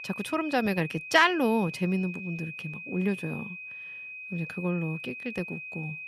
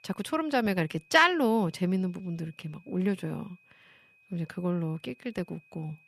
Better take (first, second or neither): second